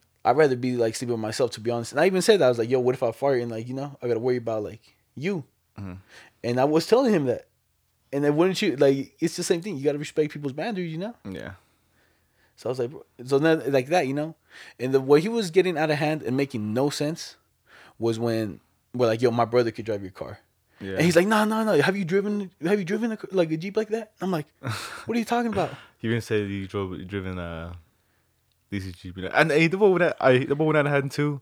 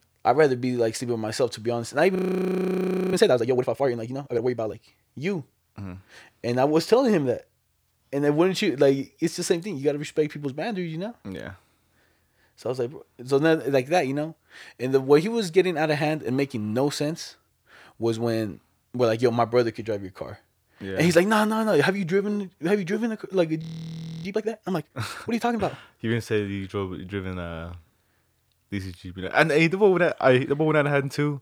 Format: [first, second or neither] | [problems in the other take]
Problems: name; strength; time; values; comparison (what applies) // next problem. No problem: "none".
first | audio freezing; at 2 s for 1 s and at 24 s for 0.5 s